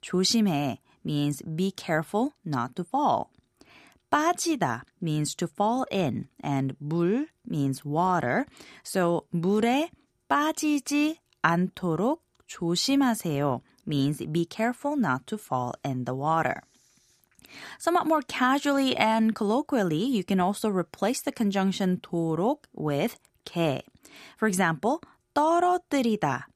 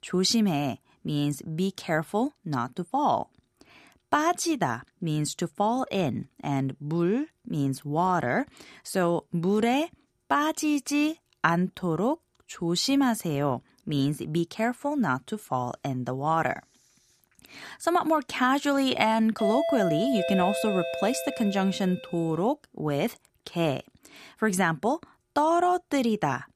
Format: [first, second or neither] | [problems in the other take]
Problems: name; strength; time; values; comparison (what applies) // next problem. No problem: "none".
first | doorbell; loud; from 19 to 22 s; peak level with the speech